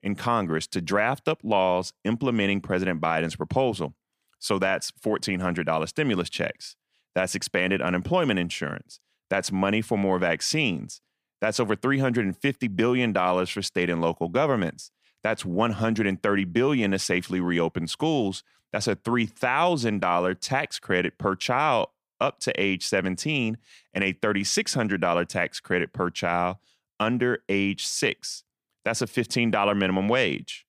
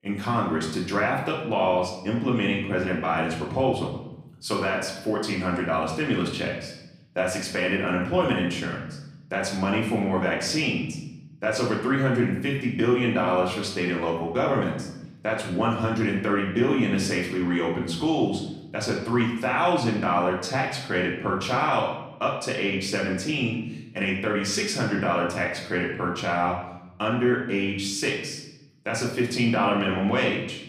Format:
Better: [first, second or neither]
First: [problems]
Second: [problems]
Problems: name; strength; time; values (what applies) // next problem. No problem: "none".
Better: first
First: none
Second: room echo; noticeable; dies away in 0.8 s // off-mic speech; far